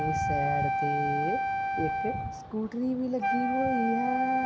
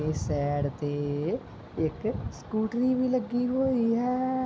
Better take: second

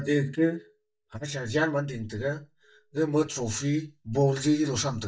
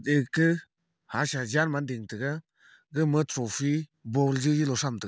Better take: second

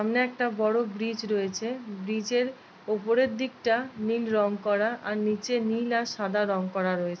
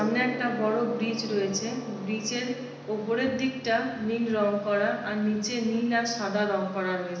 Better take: first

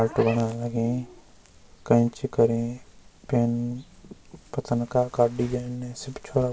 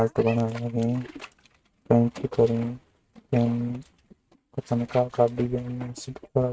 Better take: first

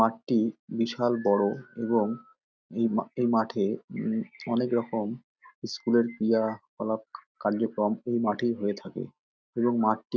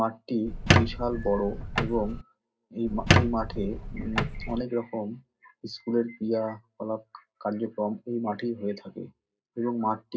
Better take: first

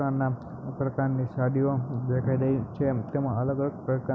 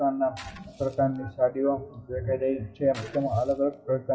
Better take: first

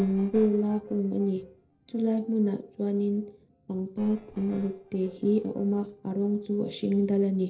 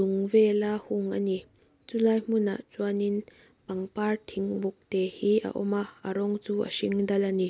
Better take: second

